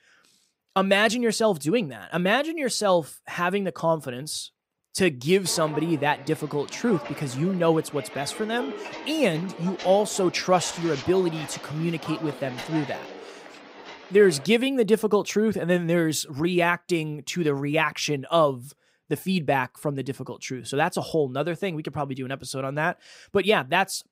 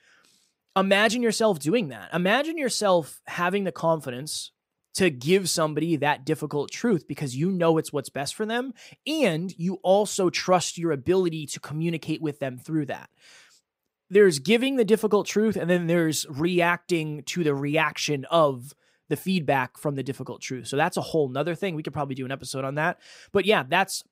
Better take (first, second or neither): second